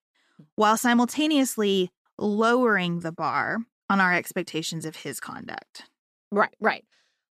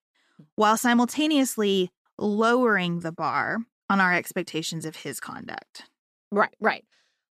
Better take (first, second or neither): neither